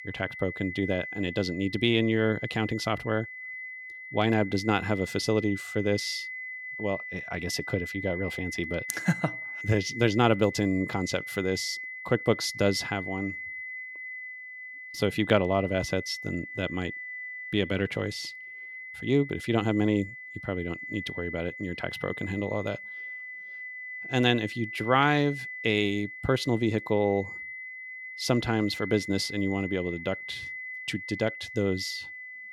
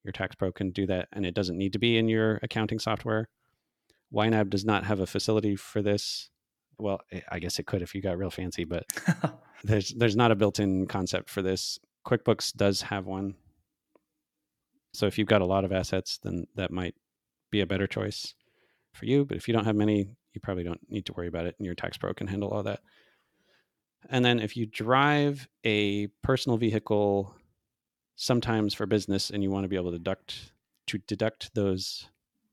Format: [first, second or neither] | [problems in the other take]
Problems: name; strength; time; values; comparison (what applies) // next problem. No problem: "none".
second | high-pitched whine; loud; throughout; 2 kHz, 9 dB below the speech